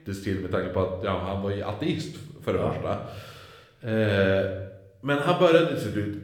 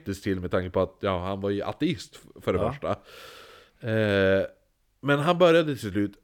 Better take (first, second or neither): second